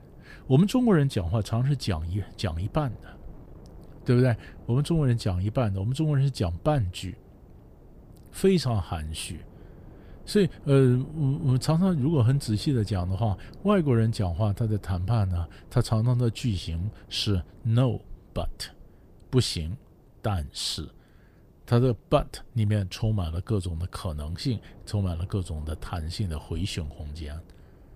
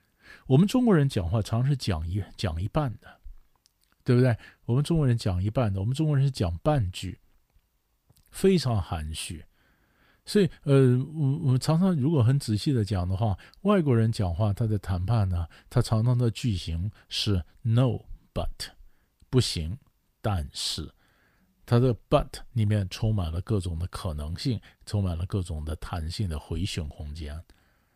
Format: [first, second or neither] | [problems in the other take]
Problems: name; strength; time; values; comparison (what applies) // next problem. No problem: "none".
second | wind noise on the microphone; occasional gusts; 25 dB below the speech